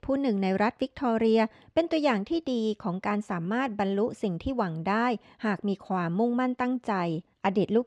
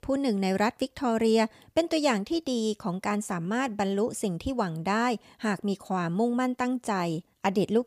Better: second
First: muffled; slightly; fading above 3.5 kHz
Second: none

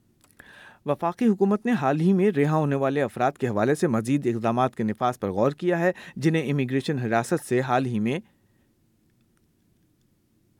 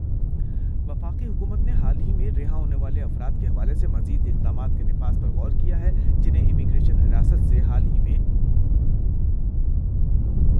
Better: first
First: none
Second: wind noise on the microphone; heavy; 4 dB above the speech

